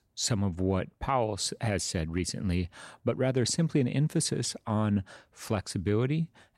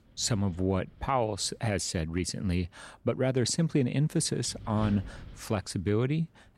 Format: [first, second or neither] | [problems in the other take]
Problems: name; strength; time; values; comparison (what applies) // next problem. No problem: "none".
first | wind noise on the microphone; occasional gusts; 20 dB below the speech